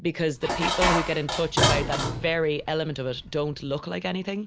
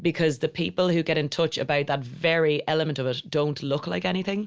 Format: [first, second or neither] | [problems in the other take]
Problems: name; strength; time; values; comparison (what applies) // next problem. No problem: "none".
second | background sound (Dishes, pots, and pans); as loud as the speech